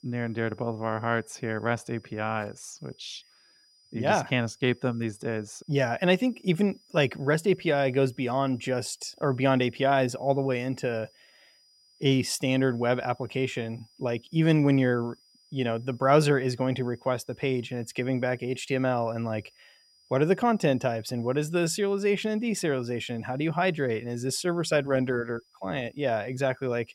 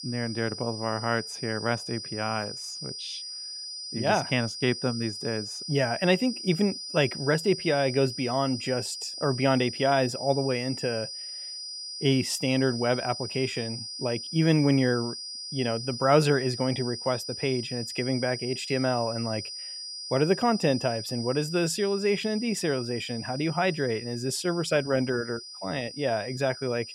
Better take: first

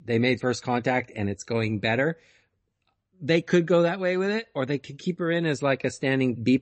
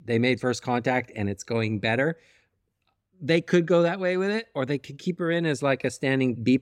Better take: second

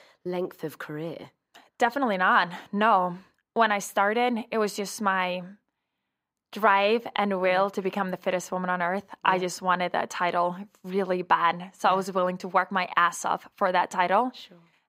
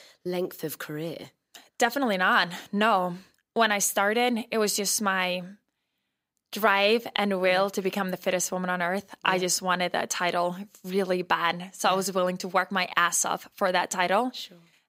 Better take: second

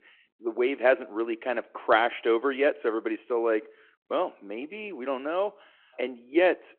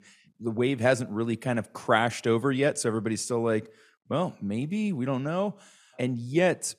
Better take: second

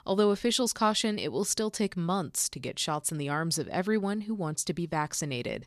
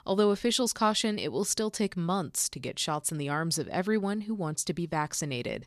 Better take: neither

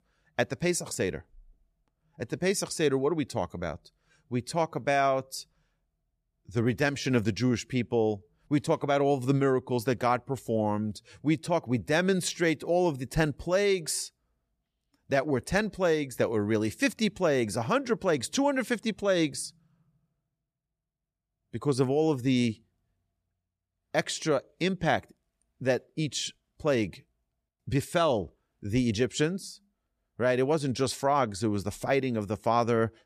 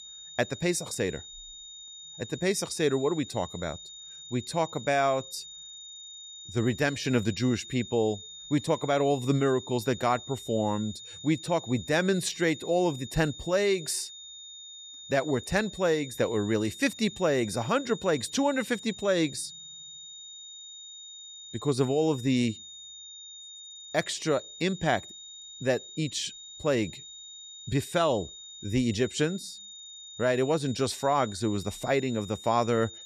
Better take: first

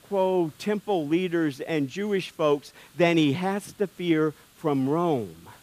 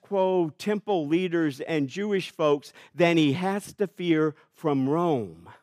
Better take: second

